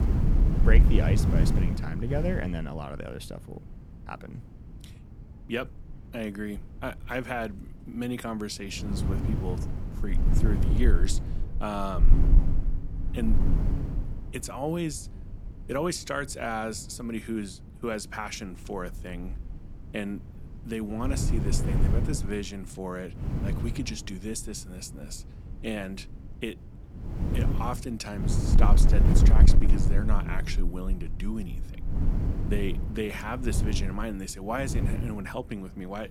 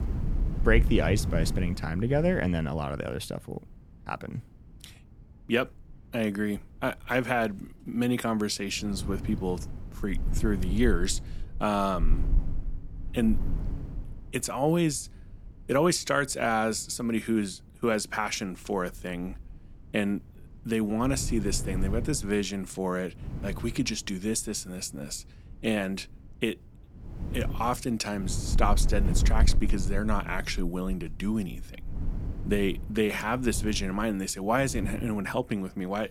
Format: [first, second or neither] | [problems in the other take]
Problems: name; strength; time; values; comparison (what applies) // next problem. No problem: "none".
second | wind noise on the microphone; heavy; 5 dB below the speech; occasional gusts in the second